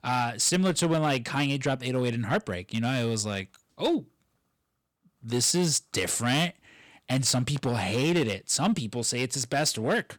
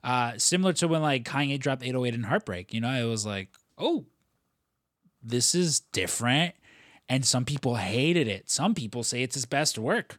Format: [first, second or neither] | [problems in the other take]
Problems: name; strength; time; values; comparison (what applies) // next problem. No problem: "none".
second | distortion; slight; 6% of the sound clipped